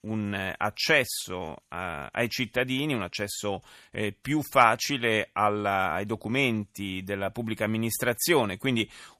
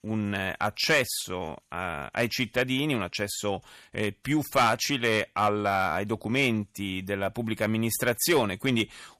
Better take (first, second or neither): first